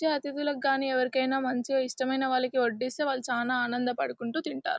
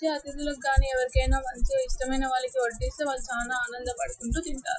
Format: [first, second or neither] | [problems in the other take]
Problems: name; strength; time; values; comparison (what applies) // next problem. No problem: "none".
first | noise reduction (classical method Wiener filter)